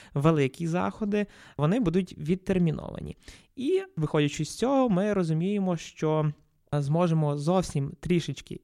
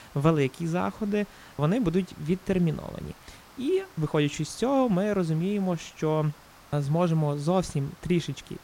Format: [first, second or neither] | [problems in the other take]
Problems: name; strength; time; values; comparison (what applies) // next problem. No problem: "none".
first | hiss; faint; throughout; 25 dB below the speech